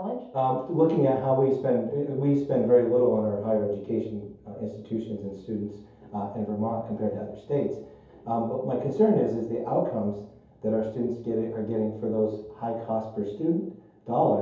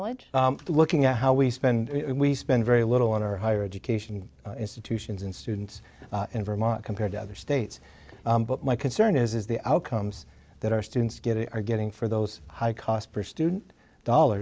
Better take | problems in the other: second | room echo; dies away in 0.7 s

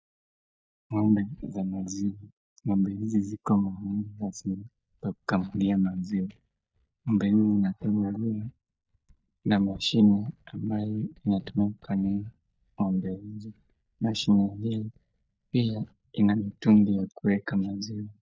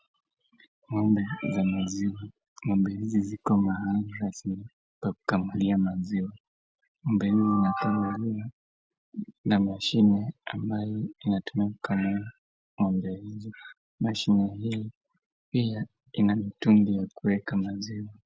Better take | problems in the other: second | noise reduction (neural mask model DeepFilterNet 3)

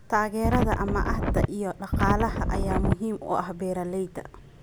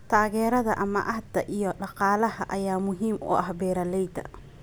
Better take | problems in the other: second | background sound (Wind); 4 dB above the speech

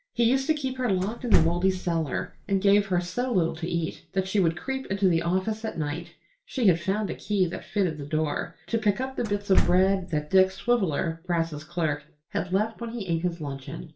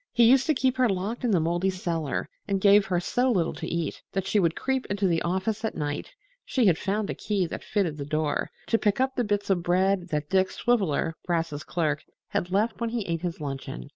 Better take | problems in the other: second | background sound (Slam); 2 dB below the speech // room echo; dies away in 0.3 s

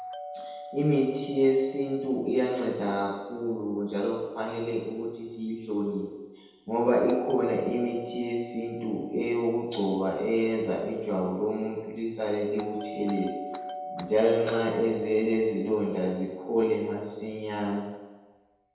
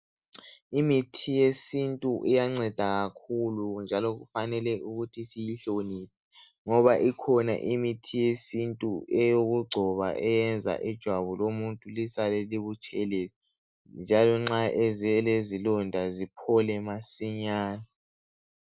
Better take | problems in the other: second | background sound (Doorbell); 16 dB below the speech // room echo; dies away in 1.1 s

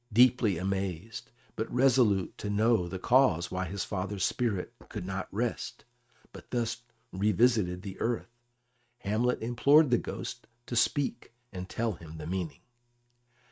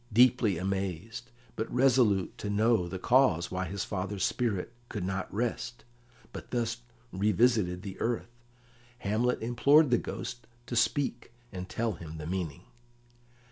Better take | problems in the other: second | noise reduction (neural mask model RNNoise)

